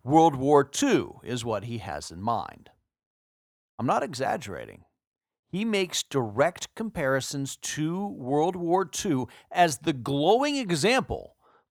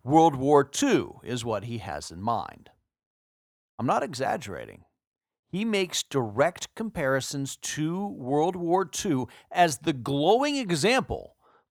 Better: neither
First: none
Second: none

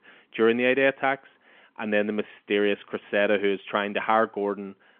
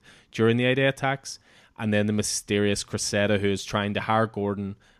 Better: second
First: phone-call audio; nothing above 3.5 kHz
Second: none

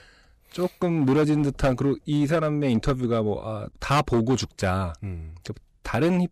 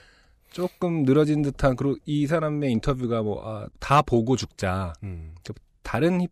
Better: second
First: distortion; slight; 6% of the sound clipped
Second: none

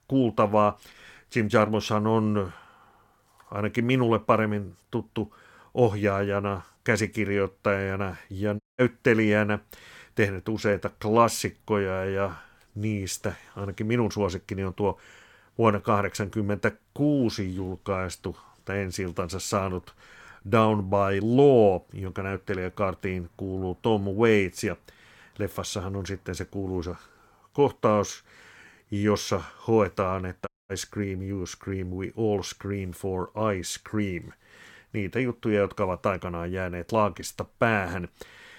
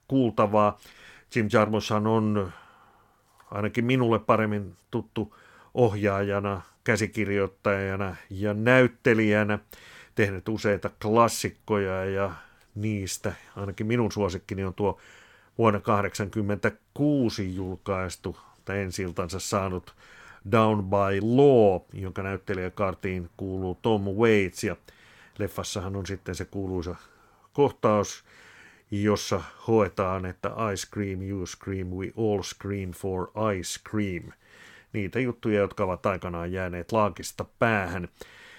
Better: second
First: audio cutting out; at 8.5 s and at 30 s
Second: none

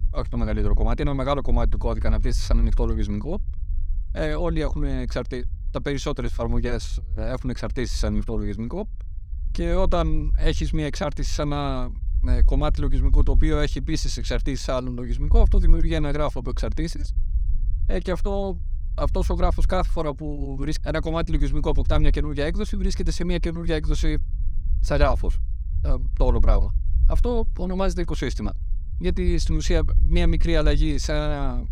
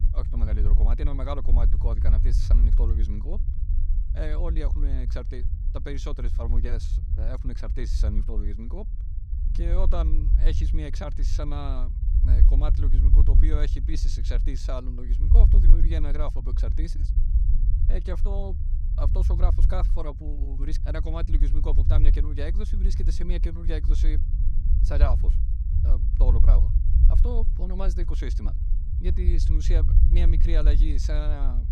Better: first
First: low rumble; faint; throughout; 20 dB below the speech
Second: low rumble; loud; throughout; 6 dB below the speech

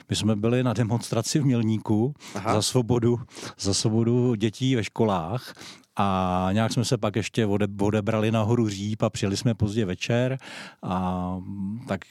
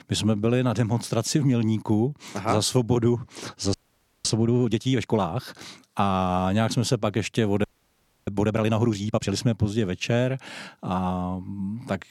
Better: first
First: none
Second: audio freezing; at 3.5 s for 0.5 s and at 7.5 s for 0.5 s

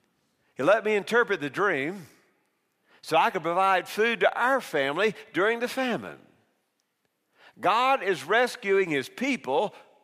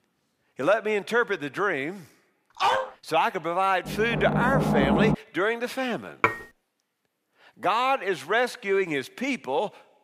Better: first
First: none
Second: dog barking; loud; at 2.5 s; peak 2 dB above the speech // door banging; loud; from 4 to 5 s; peak 4 dB above the speech // clattering dishes; loud; at 6 s; peak level with the speech

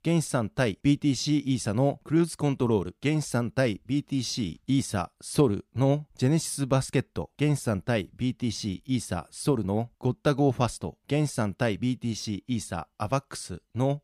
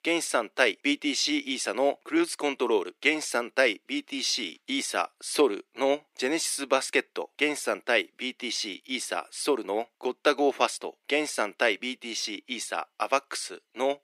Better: first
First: none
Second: thin; somewhat; fading below 350 Hz

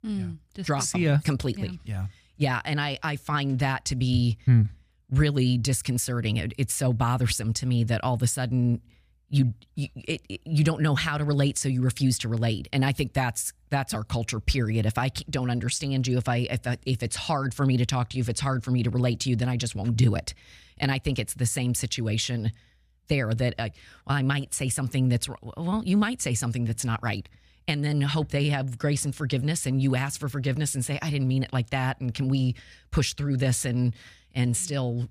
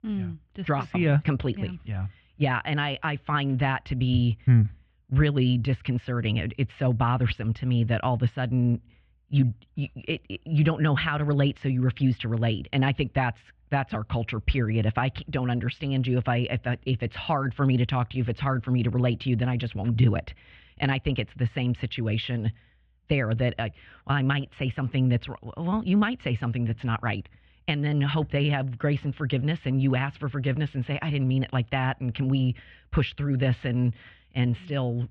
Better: first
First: none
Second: muffled; very; fading above 3 kHz

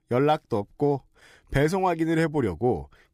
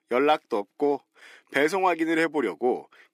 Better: first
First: none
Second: thin; very slightly; fading below 250 Hz

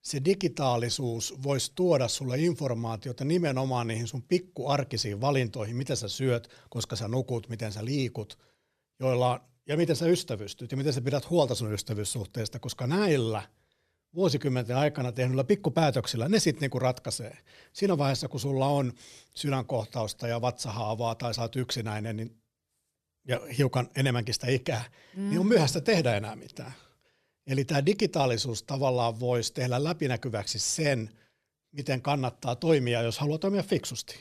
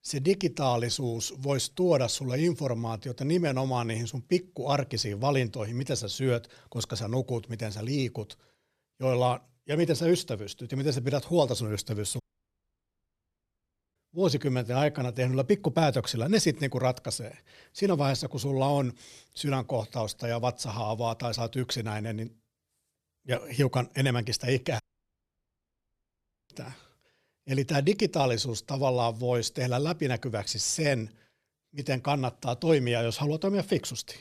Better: first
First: none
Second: audio cutting out; at 12 s for 2 s and at 25 s for 1.5 s

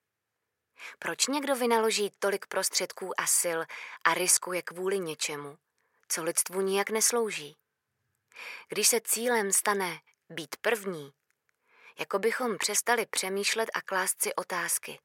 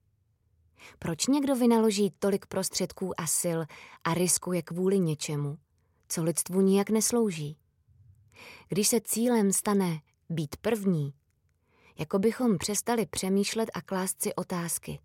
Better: second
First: thin; very; fading below 500 Hz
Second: none

